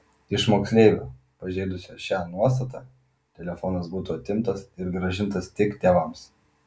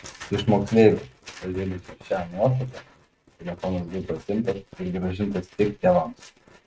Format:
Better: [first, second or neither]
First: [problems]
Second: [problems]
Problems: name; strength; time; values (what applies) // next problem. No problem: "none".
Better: first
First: none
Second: noise reduction (neural mask model RNNoise)